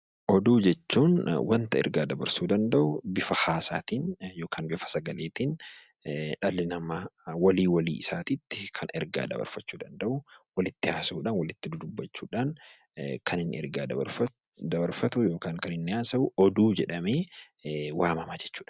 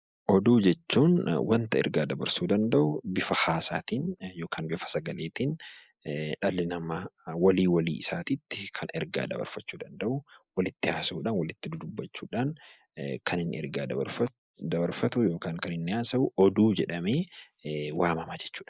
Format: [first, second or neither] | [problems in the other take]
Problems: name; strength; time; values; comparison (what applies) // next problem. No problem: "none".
first | noise reduction (neural mask model Resemble Enhance denoiser)